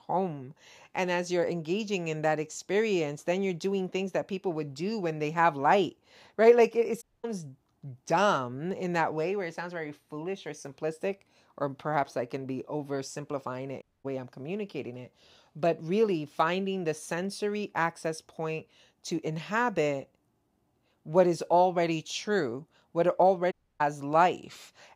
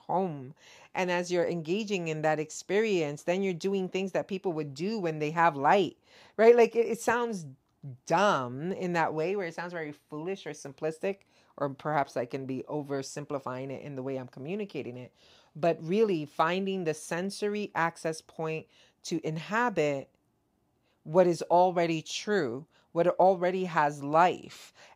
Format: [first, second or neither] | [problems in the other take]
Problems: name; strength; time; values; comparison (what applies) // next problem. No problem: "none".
second | audio cutting out; at 7 s, at 14 s and at 24 s